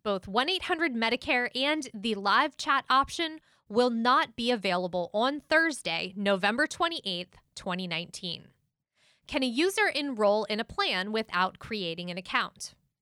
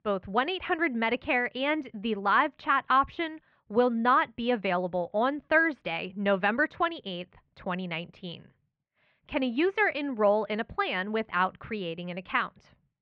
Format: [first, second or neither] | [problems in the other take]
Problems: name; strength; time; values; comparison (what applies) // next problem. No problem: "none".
first | muffled; very; fading above 2.5 kHz